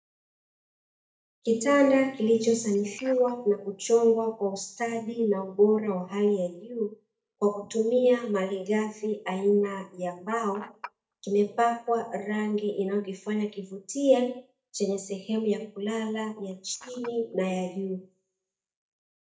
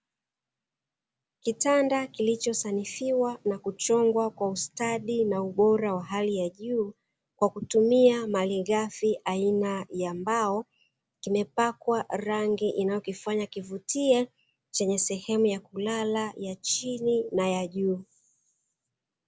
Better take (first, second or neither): second